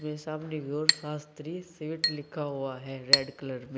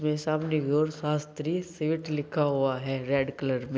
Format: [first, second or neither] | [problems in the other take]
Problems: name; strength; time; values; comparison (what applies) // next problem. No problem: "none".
second | background sound (Chink, clink); 2 dB above the speech